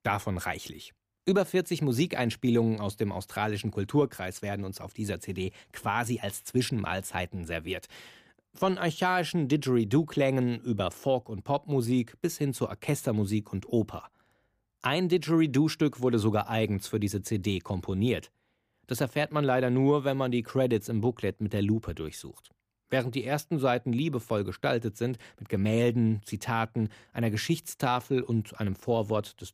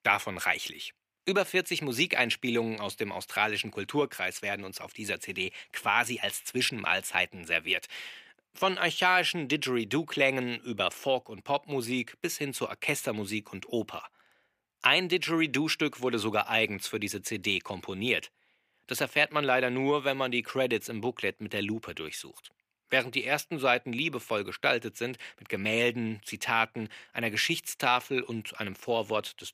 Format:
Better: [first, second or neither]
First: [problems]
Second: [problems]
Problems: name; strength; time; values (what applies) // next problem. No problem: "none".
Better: first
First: none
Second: thin; somewhat; fading below 600 Hz